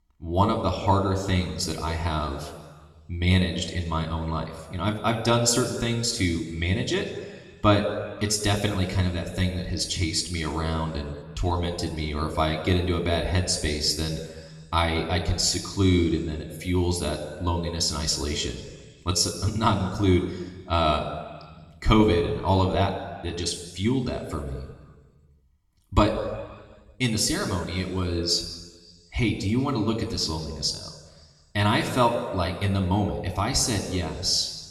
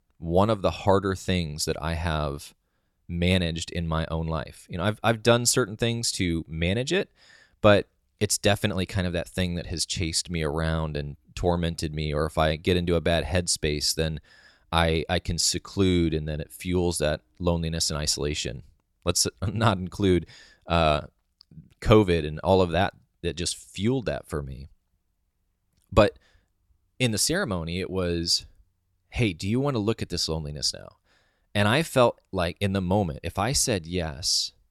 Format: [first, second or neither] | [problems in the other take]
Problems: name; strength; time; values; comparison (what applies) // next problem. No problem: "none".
second | room echo; noticeable; dies away in 1.3 s // off-mic speech; somewhat distant